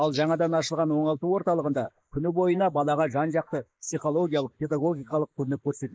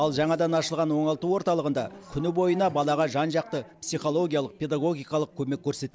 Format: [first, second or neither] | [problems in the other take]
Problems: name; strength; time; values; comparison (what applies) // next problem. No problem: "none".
second | noise reduction (neural mask model Resemble Enhance denoiser)